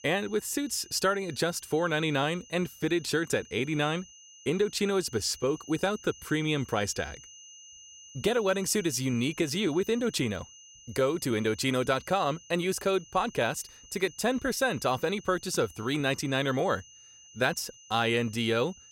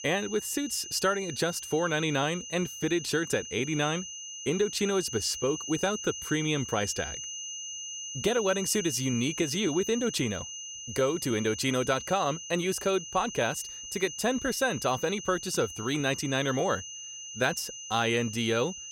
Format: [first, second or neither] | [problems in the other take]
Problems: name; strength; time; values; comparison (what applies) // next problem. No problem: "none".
first | high-pitched whine; loud; throughout; 6 kHz, 8 dB below the speech; faint in the first